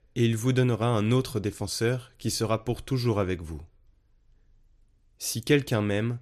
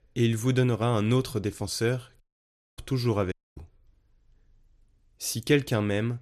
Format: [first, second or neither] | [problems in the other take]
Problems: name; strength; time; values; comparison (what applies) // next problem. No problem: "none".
first | audio cutting out; at 2 s for 0.5 s and at 3.5 s